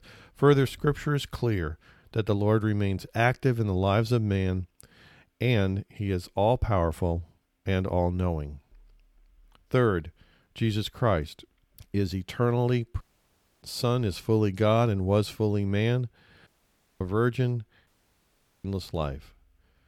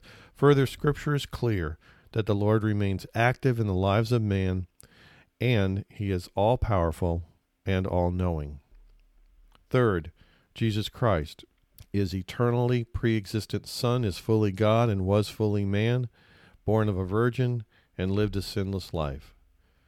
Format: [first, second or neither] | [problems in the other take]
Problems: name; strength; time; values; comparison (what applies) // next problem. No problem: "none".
second | audio cutting out; at 13 s for 0.5 s, at 16 s for 0.5 s and at 18 s for 1 s